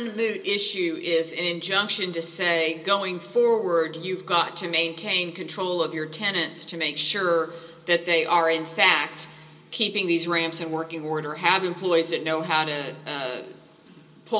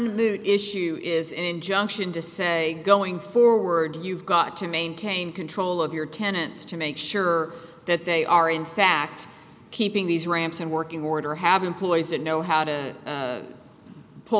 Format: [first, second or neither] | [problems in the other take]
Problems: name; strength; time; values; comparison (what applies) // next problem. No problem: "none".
second | room echo; dies away in 0.2 s